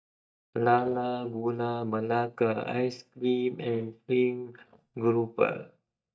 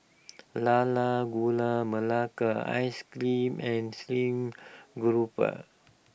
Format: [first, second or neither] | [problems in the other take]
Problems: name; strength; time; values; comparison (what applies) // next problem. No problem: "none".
second | noise reduction (neural mask model DeepFilterNet 3)